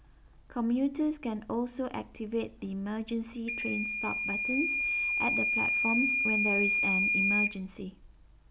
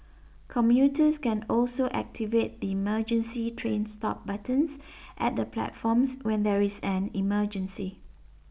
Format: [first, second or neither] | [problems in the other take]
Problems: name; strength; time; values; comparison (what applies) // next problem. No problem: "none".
second | background sound (Microwave oven / Alarm); 2 dB above the speech